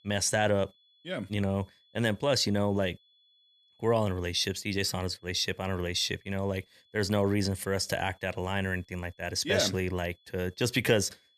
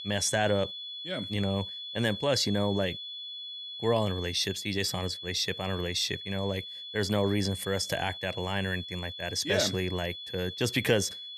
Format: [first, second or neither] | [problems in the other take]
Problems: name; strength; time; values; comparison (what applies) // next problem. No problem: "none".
first | high-pitched whine; loud; throughout; 3.5 kHz, 8 dB below the speech; faint in the first